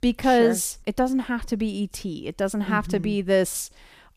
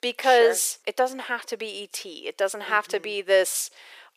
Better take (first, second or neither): first